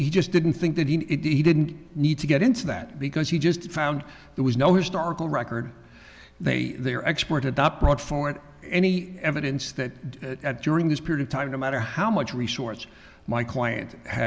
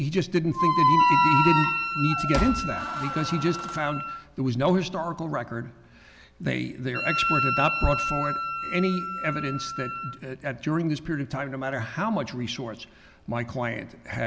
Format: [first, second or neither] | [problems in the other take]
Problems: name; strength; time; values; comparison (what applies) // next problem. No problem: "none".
first | background sound (Squeak + Wind instrument, woodwind instrument); 2 dB above the speech